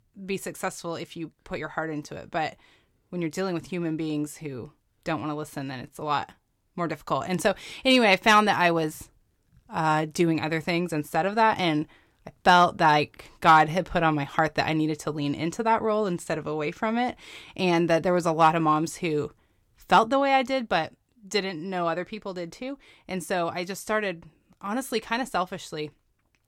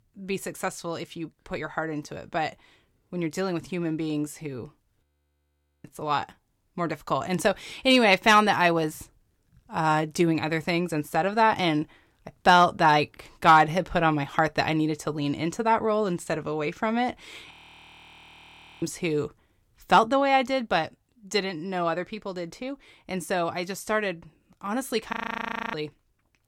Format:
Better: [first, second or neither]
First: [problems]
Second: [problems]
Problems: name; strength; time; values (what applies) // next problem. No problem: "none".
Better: first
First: none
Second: audio freezing; at 5 s for 1 s, at 18 s for 1.5 s and at 25 s for 0.5 s